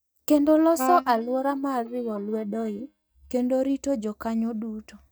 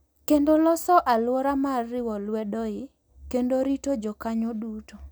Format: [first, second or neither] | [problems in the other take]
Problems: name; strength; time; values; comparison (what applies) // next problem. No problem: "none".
second | noise reduction (neural mask model DeepFilterNet 3)